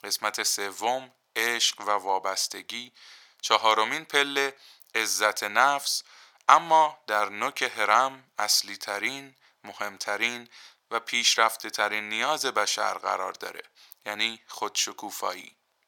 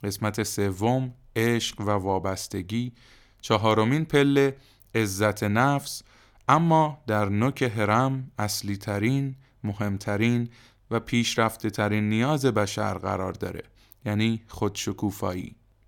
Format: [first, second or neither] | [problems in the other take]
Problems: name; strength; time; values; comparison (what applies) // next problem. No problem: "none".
second | thin; very; fading below 900 Hz